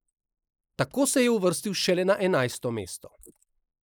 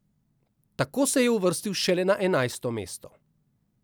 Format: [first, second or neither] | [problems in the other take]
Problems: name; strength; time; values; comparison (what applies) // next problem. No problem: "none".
second | noise reduction (neural mask model Resemble Enhance denoiser)